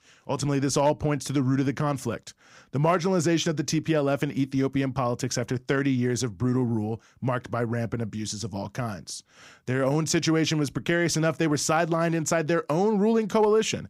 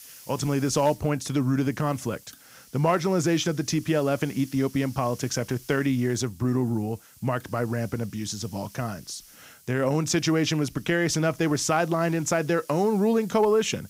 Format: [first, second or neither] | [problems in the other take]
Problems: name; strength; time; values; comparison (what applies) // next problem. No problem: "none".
first | hiss; faint; throughout; 25 dB below the speech